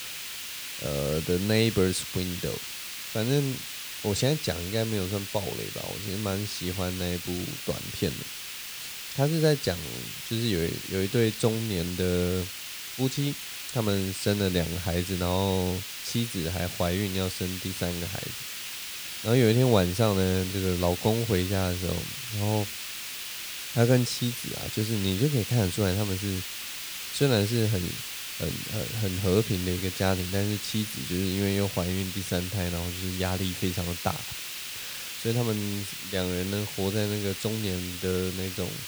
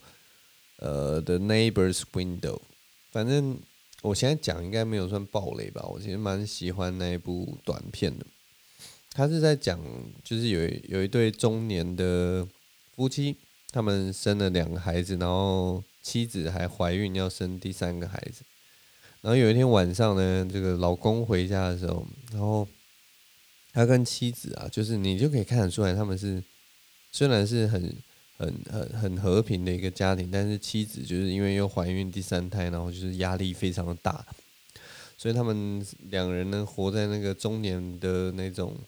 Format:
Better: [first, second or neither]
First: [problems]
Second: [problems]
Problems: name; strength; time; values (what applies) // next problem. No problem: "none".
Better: second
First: hiss; loud; throughout; 6 dB below the speech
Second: hiss; faint; throughout; 30 dB below the speech